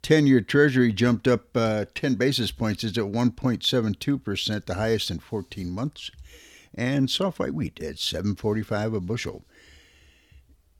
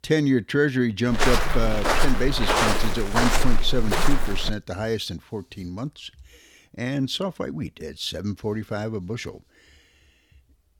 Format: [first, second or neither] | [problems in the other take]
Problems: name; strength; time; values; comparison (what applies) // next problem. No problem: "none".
first | footsteps; loud; from 1 to 4.5 s; peak 5 dB above the speech